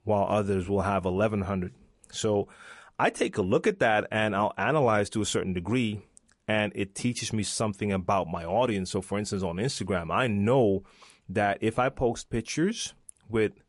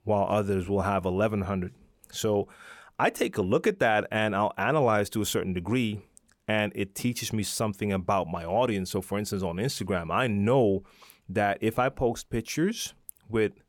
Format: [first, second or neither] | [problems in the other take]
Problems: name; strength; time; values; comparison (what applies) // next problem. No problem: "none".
second | garbled, watery; slightly; nothing above 11 kHz